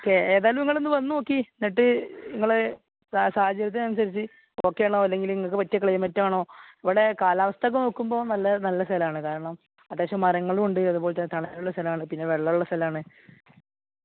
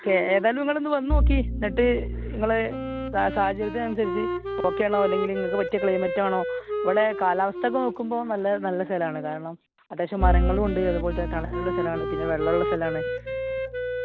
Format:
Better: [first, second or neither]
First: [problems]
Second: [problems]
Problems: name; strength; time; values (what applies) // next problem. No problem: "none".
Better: first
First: none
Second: background sound (Bowed string instrument + Wind instrument, woodwind instrument); 2 dB below the speech